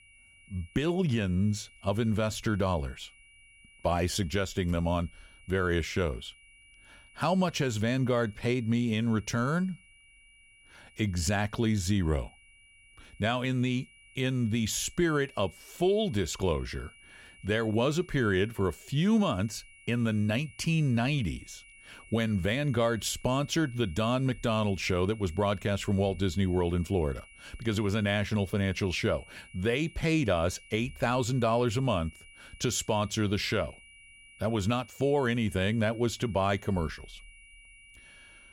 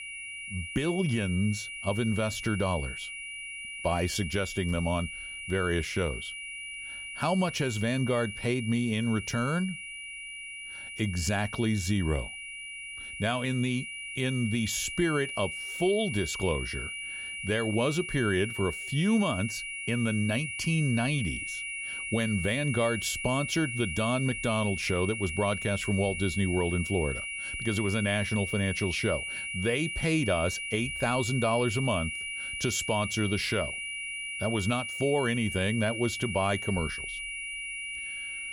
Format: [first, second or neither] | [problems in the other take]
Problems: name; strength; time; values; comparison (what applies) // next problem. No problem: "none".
first | high-pitched whine; loud; throughout; 2.5 kHz, 5 dB below the speech; faint in the first